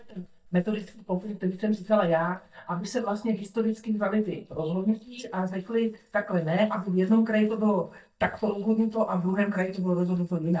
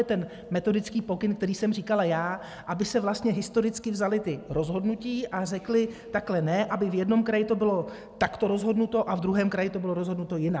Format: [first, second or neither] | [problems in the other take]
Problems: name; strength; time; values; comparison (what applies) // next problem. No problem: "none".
second | noise reduction (neural mask model DeepFilterNet 3)